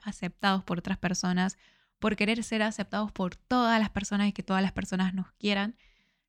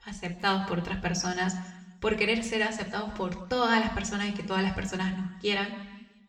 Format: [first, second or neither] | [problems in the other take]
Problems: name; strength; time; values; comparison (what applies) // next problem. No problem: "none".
first | room echo; slight; dies away in 0.9 s